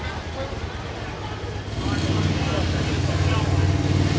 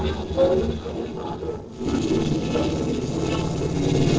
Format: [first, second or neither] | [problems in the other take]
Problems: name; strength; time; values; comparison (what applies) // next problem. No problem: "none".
first | noise reduction (neural separator model SepFormer DNS4)